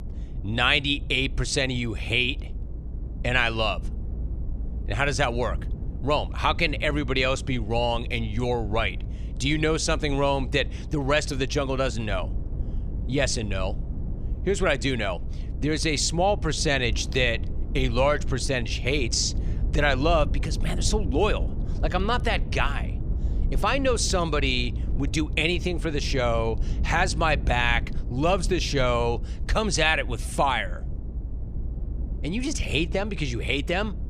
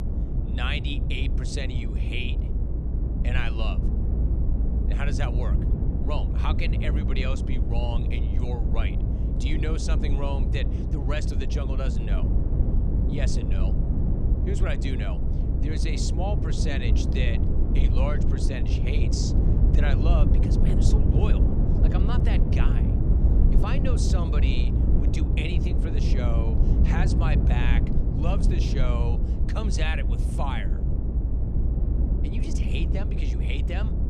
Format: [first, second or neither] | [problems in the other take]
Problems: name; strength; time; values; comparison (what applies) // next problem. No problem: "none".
first | low rumble; loud; throughout; 2 dB below the speech; faint in the first